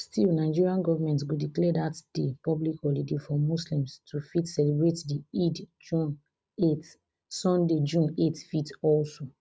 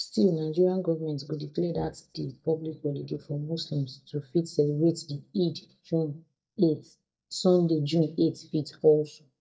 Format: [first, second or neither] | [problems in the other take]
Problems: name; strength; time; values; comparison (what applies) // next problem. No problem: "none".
first | noise reduction (neural mask model DeepFilterNet 3)